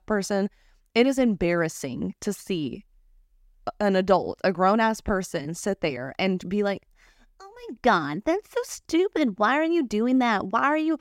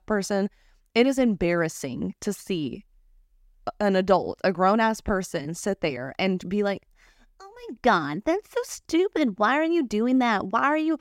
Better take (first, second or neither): neither